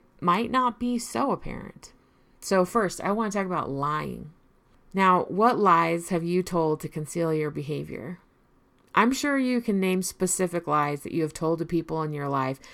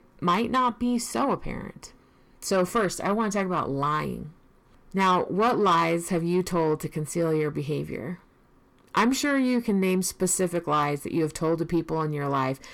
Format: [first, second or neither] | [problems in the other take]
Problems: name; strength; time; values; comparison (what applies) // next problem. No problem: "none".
first | distortion; slight; 10 dB below the speech